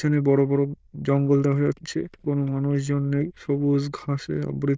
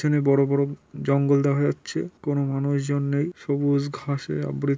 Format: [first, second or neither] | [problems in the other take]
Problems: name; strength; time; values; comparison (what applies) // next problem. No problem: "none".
second | noise reduction (neural diffusion model UNIVERSE++)